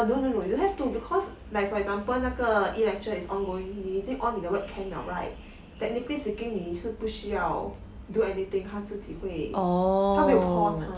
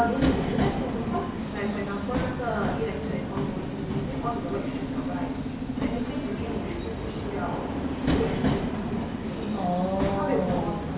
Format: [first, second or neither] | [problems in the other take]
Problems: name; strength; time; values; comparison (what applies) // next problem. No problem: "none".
first | background sound (Subway, metro, underground); 3 dB above the speech // room echo; dies away in 0.8 s